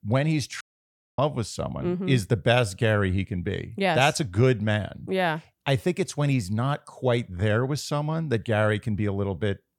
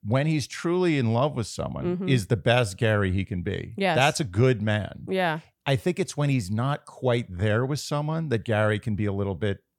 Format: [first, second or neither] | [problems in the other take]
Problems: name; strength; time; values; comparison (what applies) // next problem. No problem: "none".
second | audio cutting out; at 0.5 s for 0.5 s